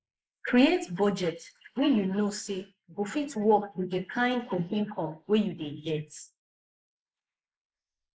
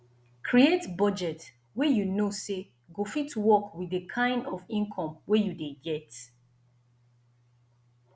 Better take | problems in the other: second | noise reduction (neural mask model Resemble Enhance denoiser)

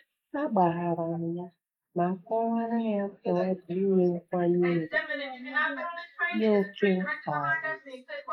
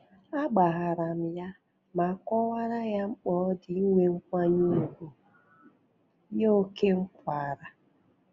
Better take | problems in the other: second | noise reduction (neural mask model Resemble Enhance denoiser)

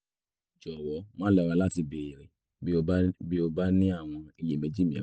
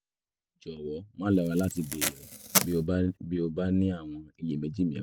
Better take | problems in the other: first | background sound (Packing tape, duct tape); 3 dB below the speech

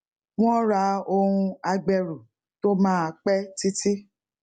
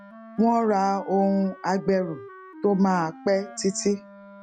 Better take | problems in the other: first | background sound (Wind instrument, woodwind instrument); 18 dB below the speech

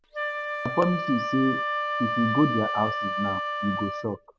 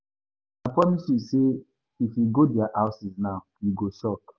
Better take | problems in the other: second | background sound (Wind instrument, woodwind instrument); 2 dB below the speech

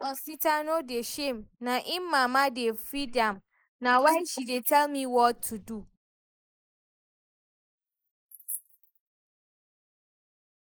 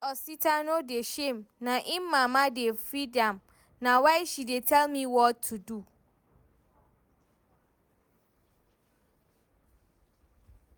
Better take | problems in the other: second | noise reduction (neural mask model Resemble Enhance denoiser)

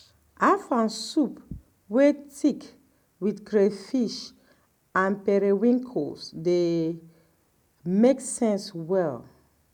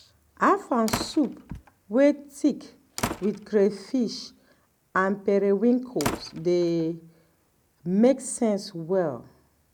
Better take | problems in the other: first | background sound (Slam); 12 dB below the speech

